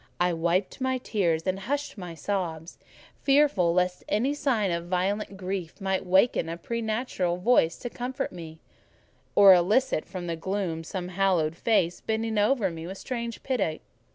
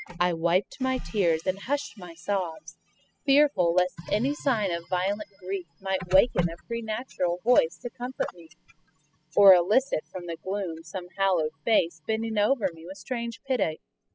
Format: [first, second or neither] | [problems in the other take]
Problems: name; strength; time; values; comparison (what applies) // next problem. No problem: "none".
first | noise reduction (classical method spectral subtraction)